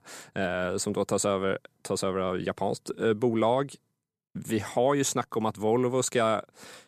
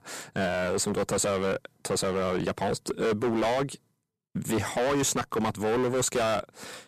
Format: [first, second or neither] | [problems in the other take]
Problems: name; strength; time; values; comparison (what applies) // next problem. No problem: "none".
first | distortion; heavy; 18% of the sound clipped